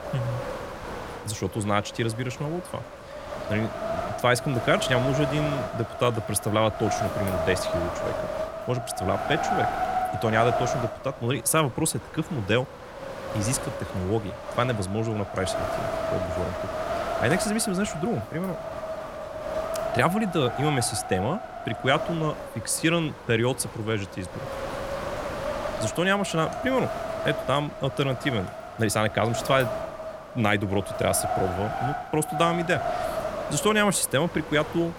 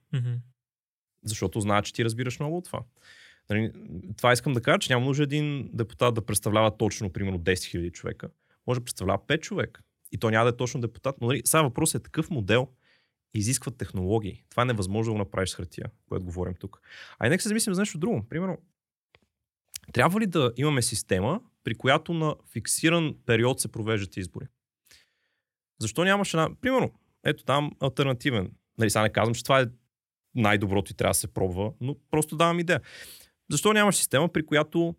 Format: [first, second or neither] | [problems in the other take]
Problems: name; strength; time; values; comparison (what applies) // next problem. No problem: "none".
second | wind noise on the microphone; heavy; 3 dB below the speech